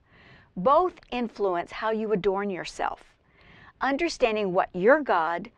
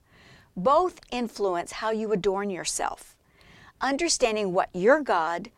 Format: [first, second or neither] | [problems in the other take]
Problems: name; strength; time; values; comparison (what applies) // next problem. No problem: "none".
second | muffled; slightly; fading above 2.5 kHz